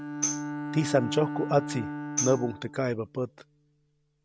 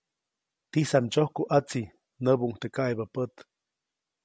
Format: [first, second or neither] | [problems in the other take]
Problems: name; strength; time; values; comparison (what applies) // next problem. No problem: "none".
second | background sound (Tambourine + Bowed string instrument); 5 dB below the speech